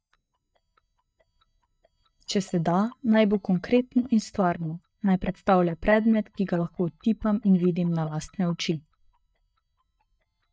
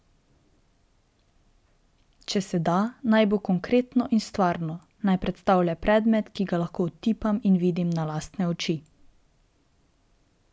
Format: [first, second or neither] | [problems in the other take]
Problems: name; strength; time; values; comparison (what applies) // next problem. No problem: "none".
second | noise reduction (neural mask model DeepFilterNet 3)